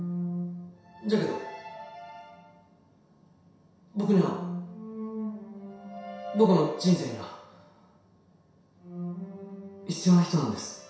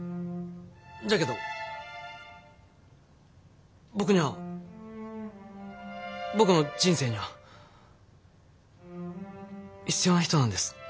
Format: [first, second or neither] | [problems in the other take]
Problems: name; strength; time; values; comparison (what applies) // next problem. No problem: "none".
second | room echo; dies away in 0.7 s